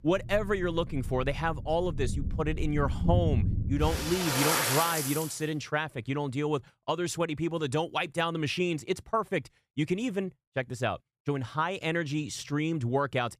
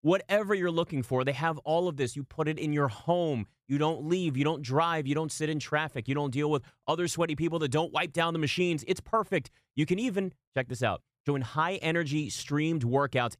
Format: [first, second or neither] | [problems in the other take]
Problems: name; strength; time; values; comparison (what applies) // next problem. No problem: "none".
second | rain or running water; loud; until 5 s; 1 dB below the speech